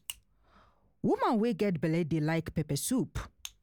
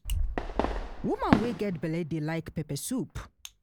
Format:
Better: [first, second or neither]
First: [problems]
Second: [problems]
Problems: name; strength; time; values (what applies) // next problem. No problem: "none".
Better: first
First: none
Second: background sound (Fireworks); 1 dB above the speech